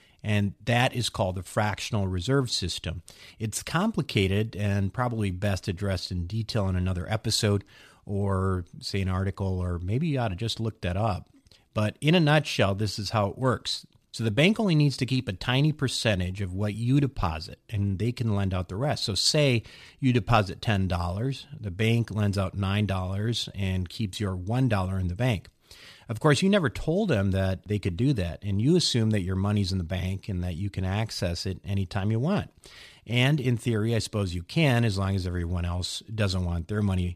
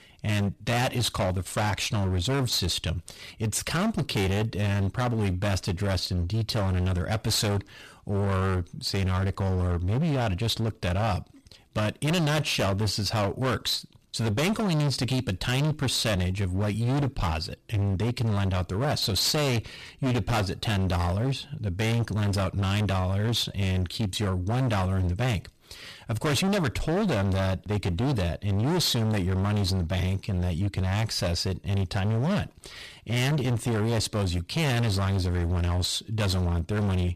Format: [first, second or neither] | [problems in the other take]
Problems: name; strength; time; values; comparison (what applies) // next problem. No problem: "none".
first | distortion; heavy; 28% of the sound clipped